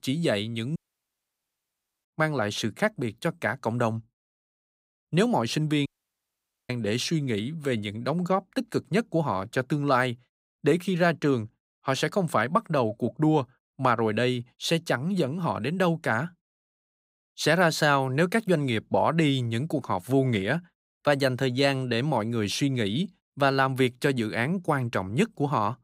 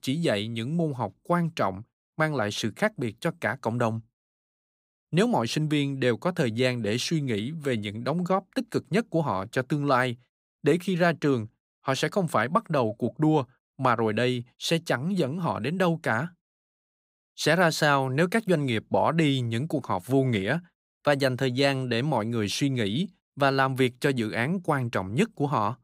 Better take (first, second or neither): second